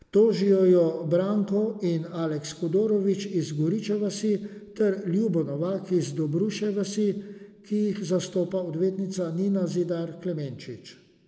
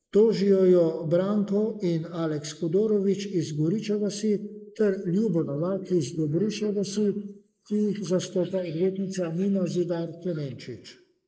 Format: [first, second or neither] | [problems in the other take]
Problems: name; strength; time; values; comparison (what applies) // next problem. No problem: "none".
first | noise reduction (neural mask model Resemble Enhance denoiser)